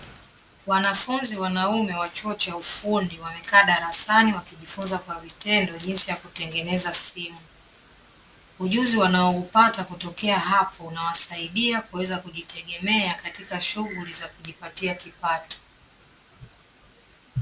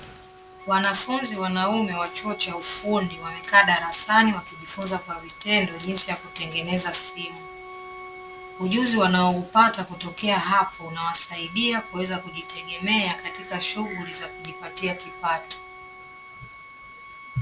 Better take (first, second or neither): first